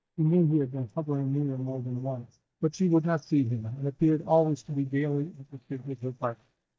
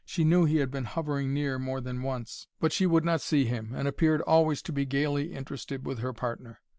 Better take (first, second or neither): second